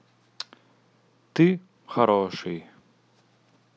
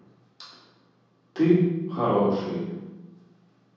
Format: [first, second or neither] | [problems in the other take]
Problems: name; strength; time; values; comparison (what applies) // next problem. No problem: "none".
first | room echo; dies away in 1.3 s